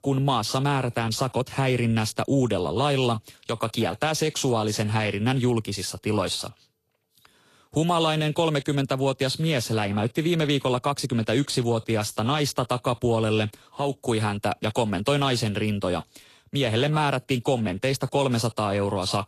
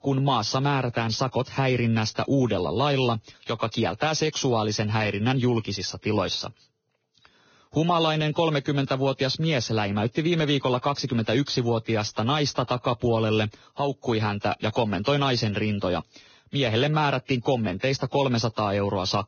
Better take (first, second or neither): first